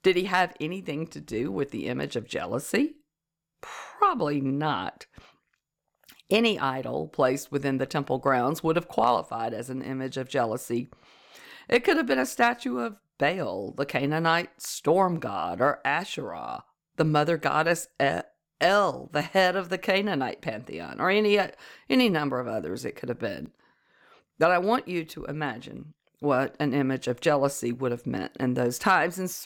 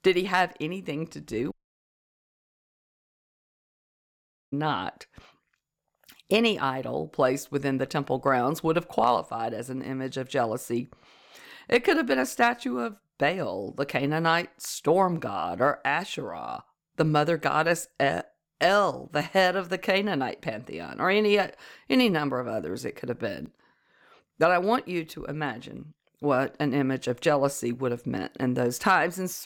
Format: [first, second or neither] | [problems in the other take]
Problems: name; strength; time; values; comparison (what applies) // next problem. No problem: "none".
first | audio cutting out; at 1.5 s for 3 s